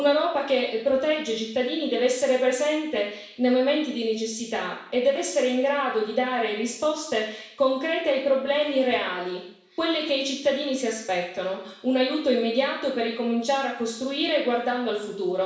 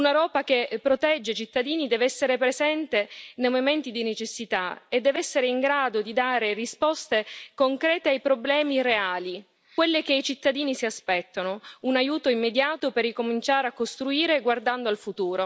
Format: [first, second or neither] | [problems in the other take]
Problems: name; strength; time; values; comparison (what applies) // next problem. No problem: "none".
second | room echo; dies away in 0.7 s